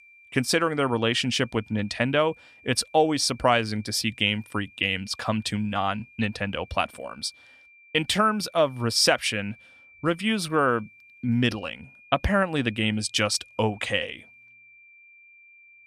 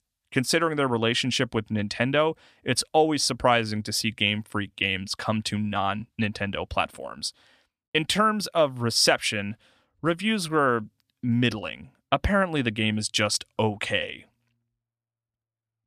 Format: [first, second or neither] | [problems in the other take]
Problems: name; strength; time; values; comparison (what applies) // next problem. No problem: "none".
second | high-pitched whine; faint; throughout; 2.5 kHz, 25 dB below the speech